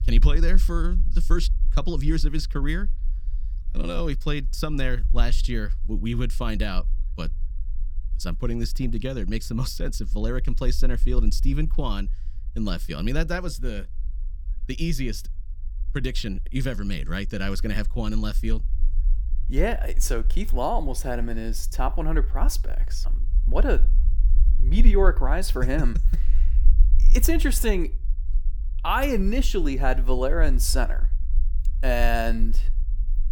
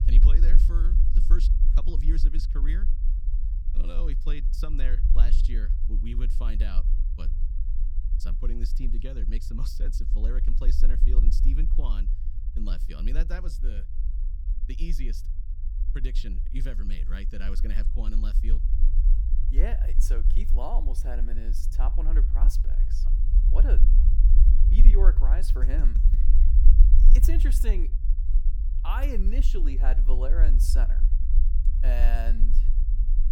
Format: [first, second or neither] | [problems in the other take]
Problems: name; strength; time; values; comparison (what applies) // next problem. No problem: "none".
first | low rumble; loud; throughout; 7 dB below the speech; faint in the first